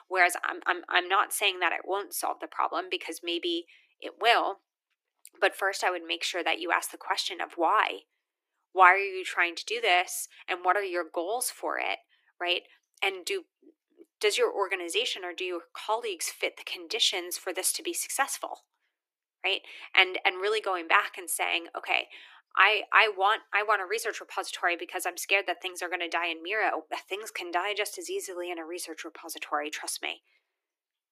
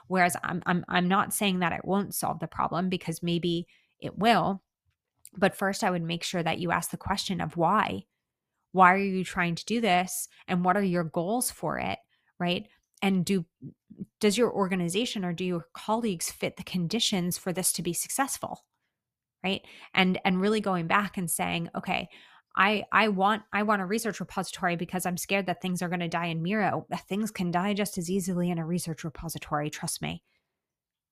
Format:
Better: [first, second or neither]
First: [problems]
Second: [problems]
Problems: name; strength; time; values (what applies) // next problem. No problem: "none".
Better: second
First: thin; very; fading below 300 Hz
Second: none